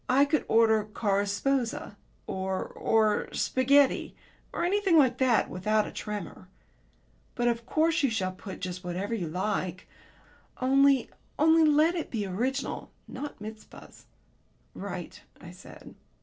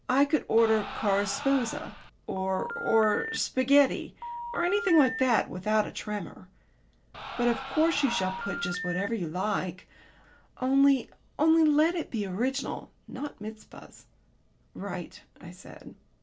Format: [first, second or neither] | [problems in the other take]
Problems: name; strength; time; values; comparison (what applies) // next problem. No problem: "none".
first | background sound (Telephone + Crowd); 9 dB below the speech